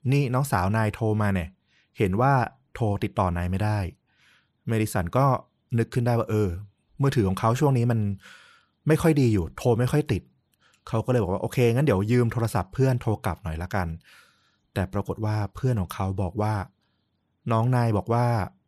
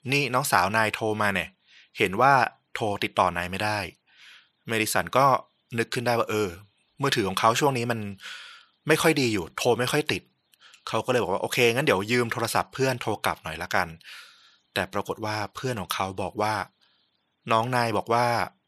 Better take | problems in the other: first | thin; somewhat; fading below 750 Hz

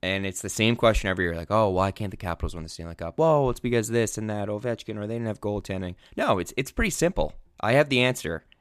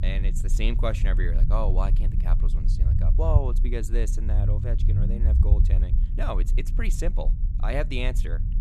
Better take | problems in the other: first | low rumble; loud; throughout; 9 dB below the speech

